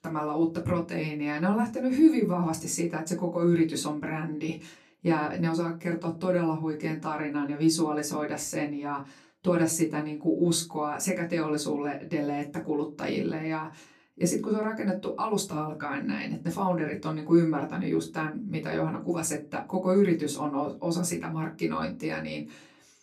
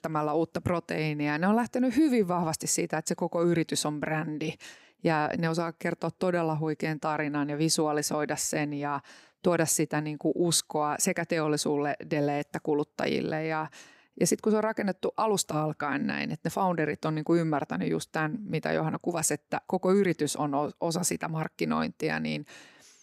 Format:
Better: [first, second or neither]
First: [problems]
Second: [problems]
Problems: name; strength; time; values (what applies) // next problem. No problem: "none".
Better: second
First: off-mic speech; somewhat distant // room echo; very slight; dies away in 0.2 s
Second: none